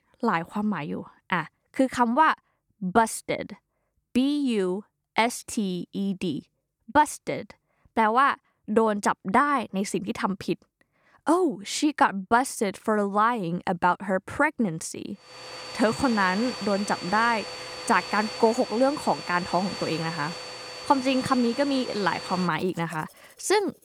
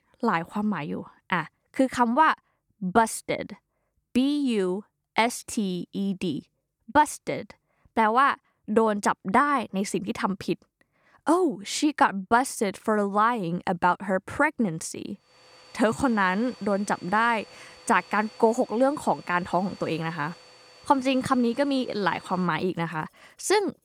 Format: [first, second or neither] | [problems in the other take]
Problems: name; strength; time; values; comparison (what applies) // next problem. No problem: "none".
second | household noises; loud; from 15 s on; 10 dB below the speech; faint in the second